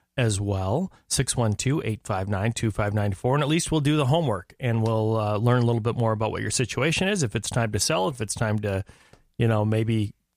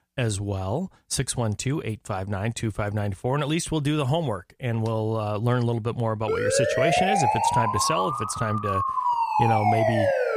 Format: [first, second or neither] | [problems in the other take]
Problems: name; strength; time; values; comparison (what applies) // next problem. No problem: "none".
first | siren; loud; from 6.5 s on; peak 5 dB above the speech